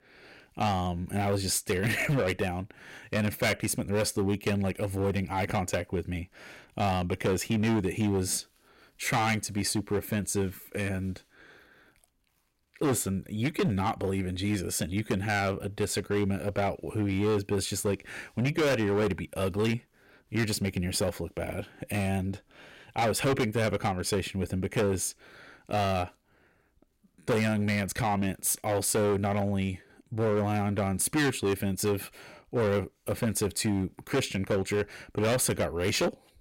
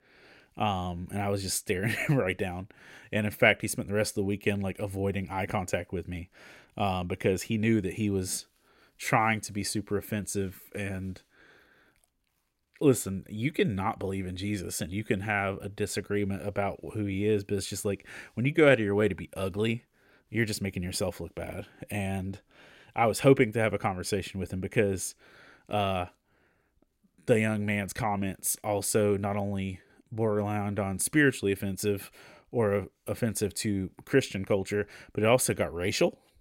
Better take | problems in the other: second | distortion; heavy; 10% of the sound clipped

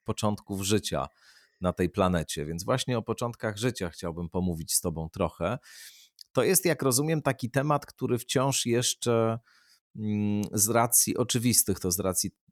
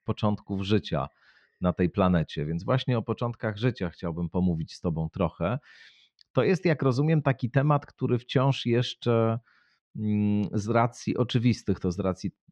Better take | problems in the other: first | muffled; very; fading above 3.5 kHz

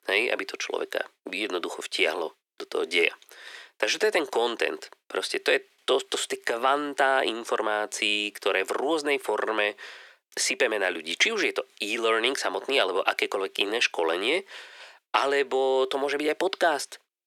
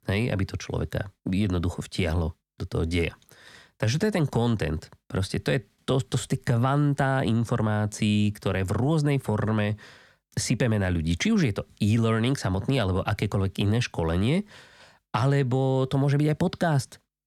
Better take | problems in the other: second | thin; very; fading below 350 Hz

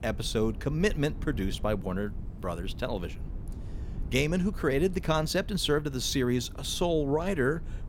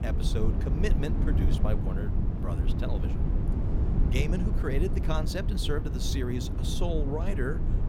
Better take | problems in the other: first | low rumble; loud; throughout; 4 dB below the speech; faint in the first

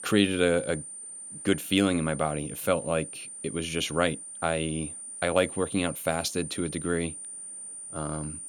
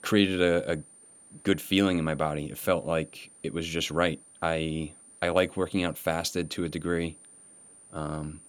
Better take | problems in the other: second | high-pitched whine; loud; throughout; 9 kHz, 9 dB below the speech; faint in the second

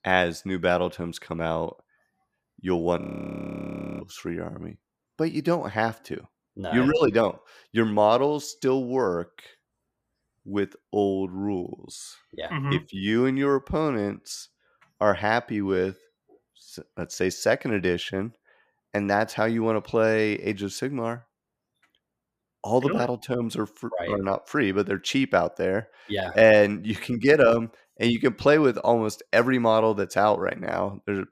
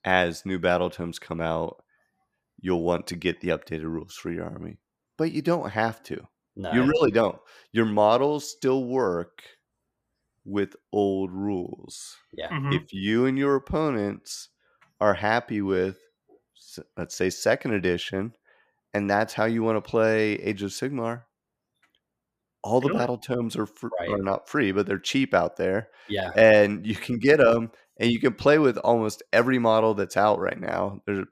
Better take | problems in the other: second | audio freezing; at 3 s for 1 s

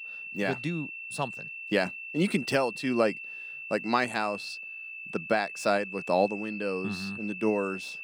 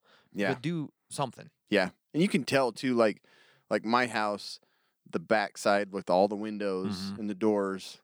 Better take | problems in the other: second | high-pitched whine; loud; throughout; 2.5 kHz, 8 dB below the speech

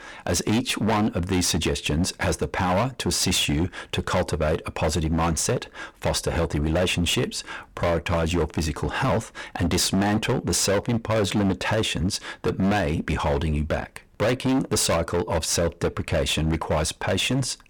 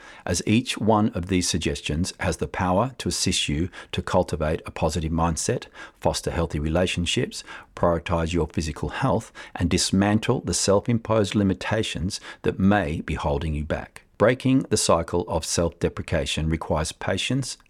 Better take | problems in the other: second | distortion; heavy; 20% of the sound clipped

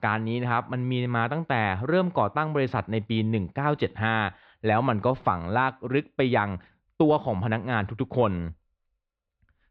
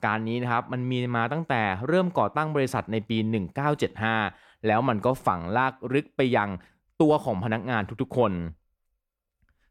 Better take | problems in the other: second | muffled; very slightly; fading above 4 kHz

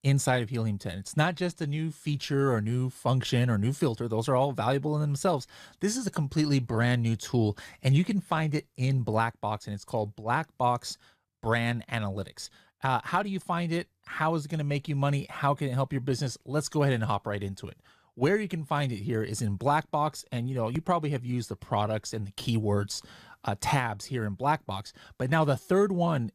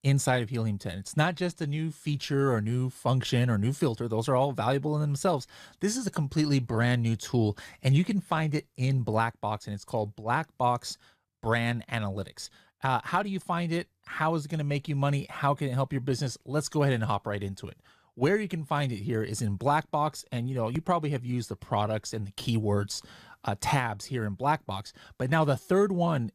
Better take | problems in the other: neither | none

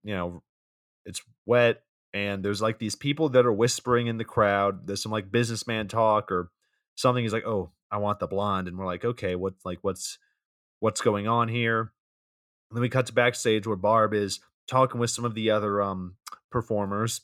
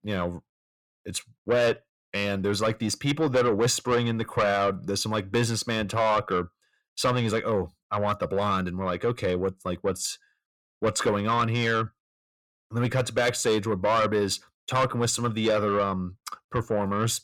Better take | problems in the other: first | distortion; heavy; 8 dB below the speech

